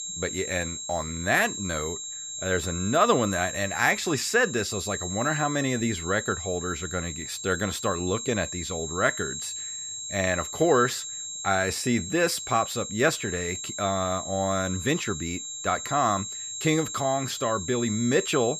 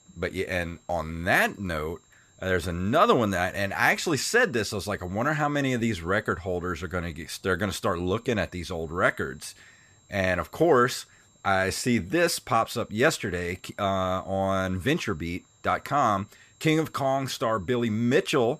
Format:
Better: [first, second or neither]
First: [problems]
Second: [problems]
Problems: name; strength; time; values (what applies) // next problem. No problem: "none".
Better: second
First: high-pitched whine; loud; throughout; 7.5 kHz, 6 dB below the speech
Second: high-pitched whine; faint; throughout; 7.5 kHz, 35 dB below the speech